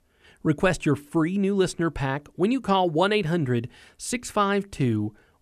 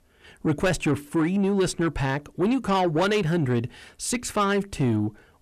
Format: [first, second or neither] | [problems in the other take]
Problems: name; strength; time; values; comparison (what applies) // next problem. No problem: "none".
first | distortion; slight; 10 dB below the speech